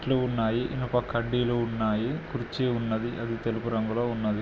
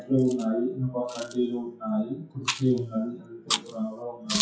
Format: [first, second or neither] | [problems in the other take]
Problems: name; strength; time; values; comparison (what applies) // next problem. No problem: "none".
first | noise reduction (classical method WPE with log-MMSE)